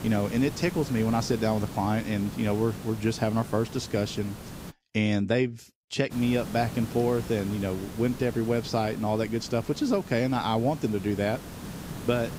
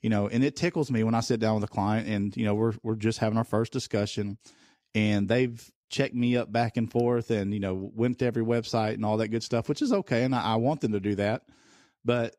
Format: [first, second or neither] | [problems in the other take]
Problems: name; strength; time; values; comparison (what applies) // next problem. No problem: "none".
second | hiss; noticeable; until 4.5 s and from 6 s on; 10 dB below the speech